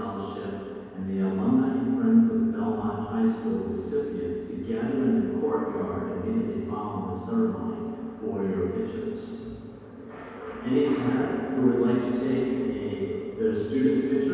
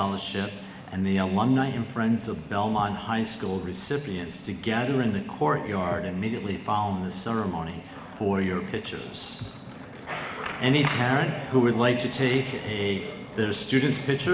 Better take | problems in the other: second | room echo; dies away in 2.2 s

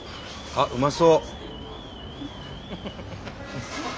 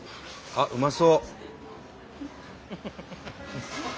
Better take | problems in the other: second | background sound (Alarm); 13 dB below the speech

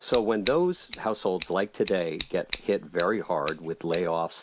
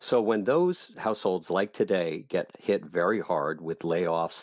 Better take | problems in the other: second | background sound (Scissors); 15 dB below the speech

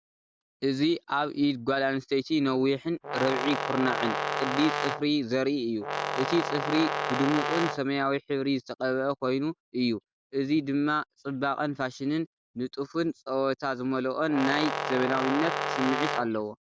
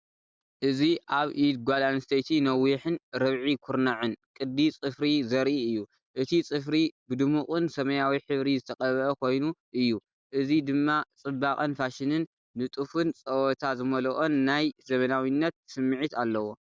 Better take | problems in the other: second | background sound (Brass instrument); 2 dB below the speech

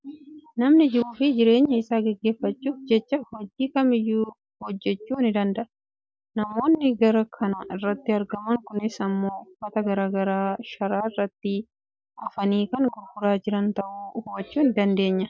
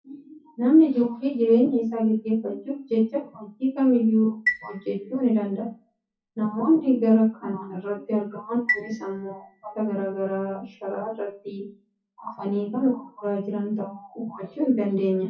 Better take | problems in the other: first | noise reduction (classical method WPE with log-MMSE)

